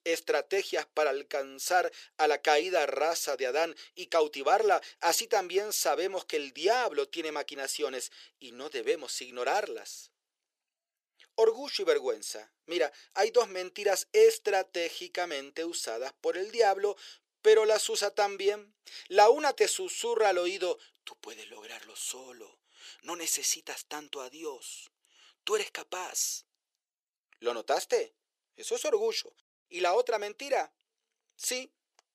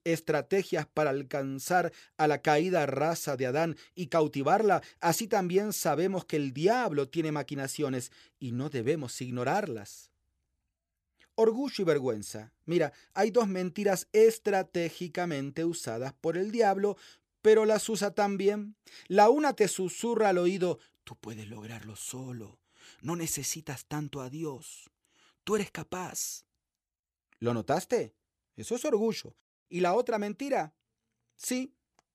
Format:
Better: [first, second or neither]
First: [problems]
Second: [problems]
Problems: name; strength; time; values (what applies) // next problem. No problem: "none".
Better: second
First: thin; very; fading below 450 Hz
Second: none